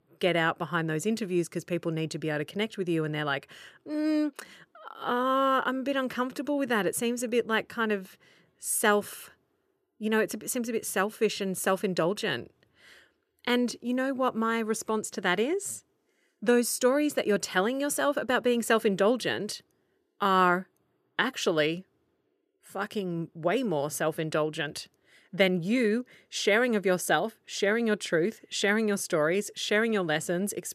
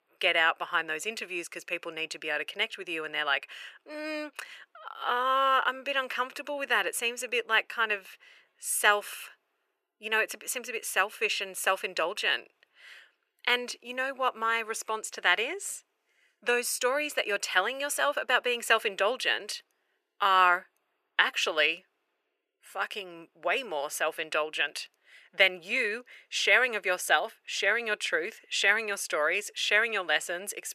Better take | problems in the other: first | thin; very; fading below 700 Hz

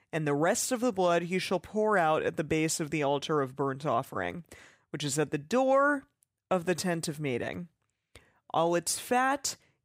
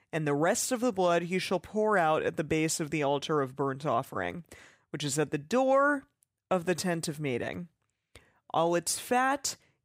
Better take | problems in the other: neither | none

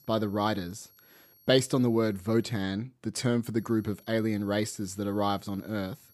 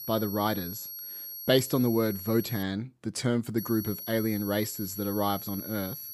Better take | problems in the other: first | high-pitched whine; loud; until 2.5 s and from 3.5 s on; 11.5 kHz, 8 dB below the speech; faint in the first

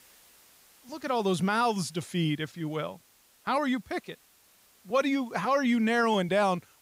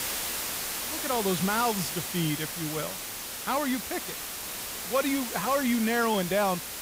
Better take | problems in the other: first | hiss; loud; throughout; 4 dB below the speech; faint in the first

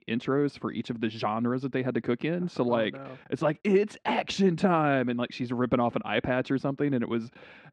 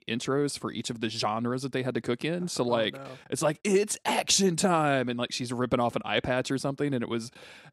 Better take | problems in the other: second | muffled; slightly; fading above 2.5 kHz

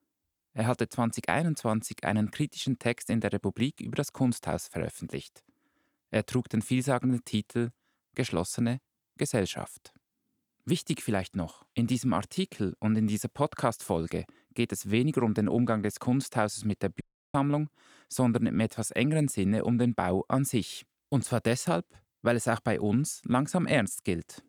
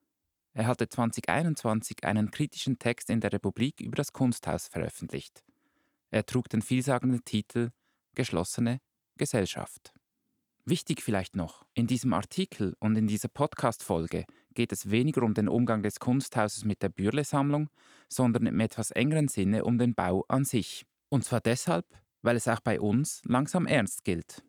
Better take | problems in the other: second | audio cutting out; at 17 s

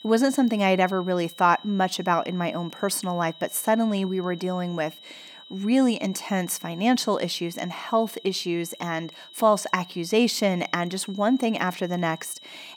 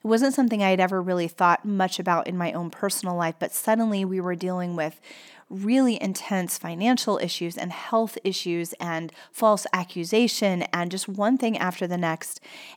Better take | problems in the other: second | high-pitched whine; noticeable; throughout; 4 kHz, 20 dB below the speech

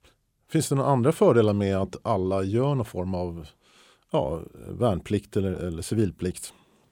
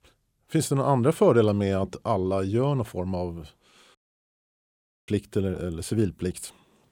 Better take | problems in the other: first | audio cutting out; at 4 s for 1 s

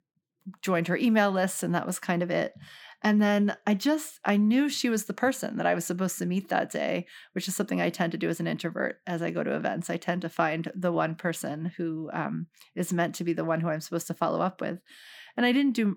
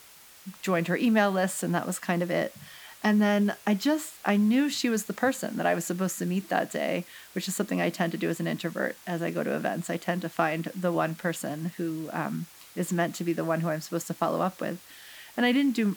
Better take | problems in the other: first | hiss; faint; throughout; 20 dB below the speech

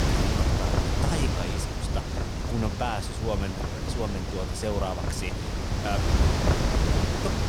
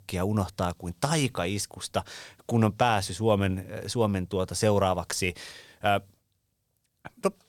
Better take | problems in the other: second | wind noise on the microphone; heavy; 2 dB above the speech

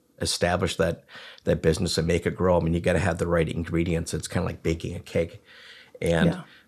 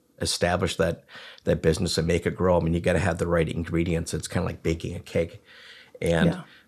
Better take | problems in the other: neither | none

